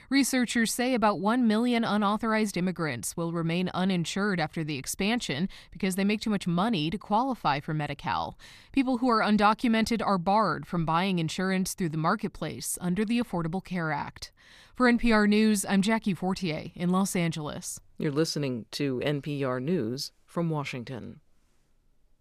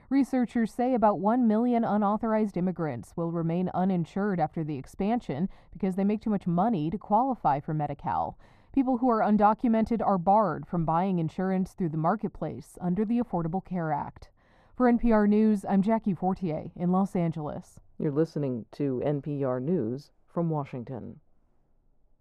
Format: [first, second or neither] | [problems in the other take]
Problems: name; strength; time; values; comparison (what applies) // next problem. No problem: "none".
first | muffled; very; fading above 1.5 kHz